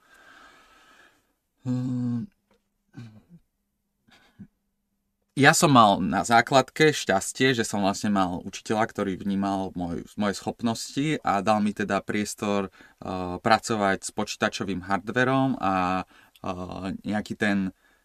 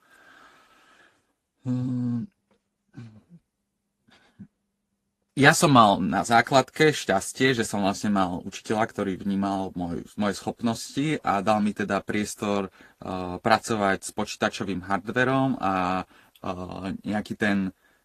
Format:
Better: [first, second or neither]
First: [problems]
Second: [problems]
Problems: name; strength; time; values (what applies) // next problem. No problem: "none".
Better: first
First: none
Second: garbled, watery; slightly; nothing above 14.5 kHz